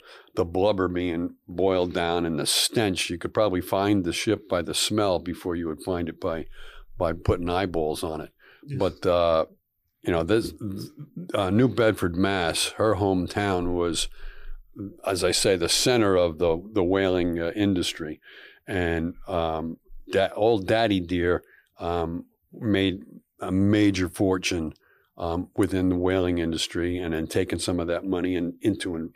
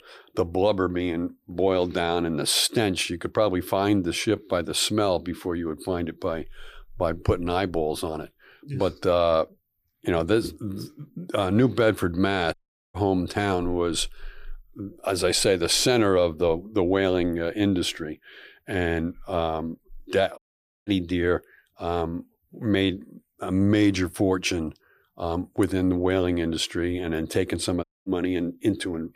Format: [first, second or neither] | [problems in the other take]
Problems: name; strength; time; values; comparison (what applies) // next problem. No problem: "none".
first | audio cutting out; at 13 s, at 20 s and at 28 s